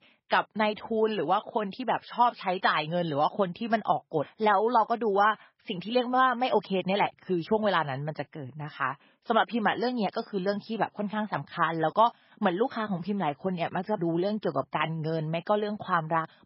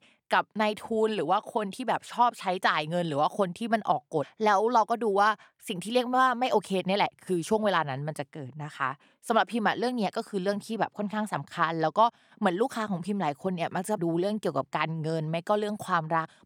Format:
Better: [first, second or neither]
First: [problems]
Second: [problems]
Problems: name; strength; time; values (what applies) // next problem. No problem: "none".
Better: second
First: garbled, watery; badly; nothing above 5.5 kHz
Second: none